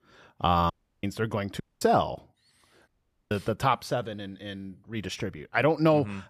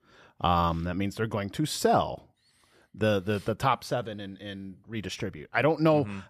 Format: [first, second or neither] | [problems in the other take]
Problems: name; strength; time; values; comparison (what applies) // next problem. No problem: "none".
second | audio cutting out; at 0.5 s, at 1.5 s and at 3 s